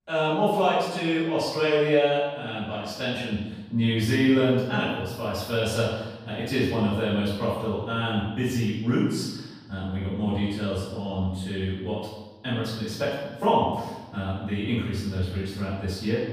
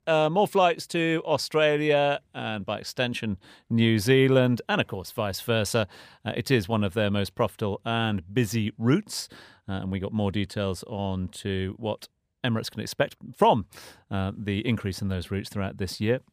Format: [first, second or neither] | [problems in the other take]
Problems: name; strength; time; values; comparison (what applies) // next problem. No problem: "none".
second | room echo; strong; dies away in 1 s // off-mic speech; far